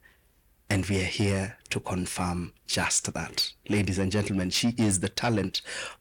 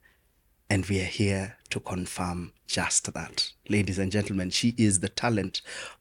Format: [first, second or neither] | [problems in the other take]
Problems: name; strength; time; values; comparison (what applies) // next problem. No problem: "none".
second | distortion; slight; 10 dB below the speech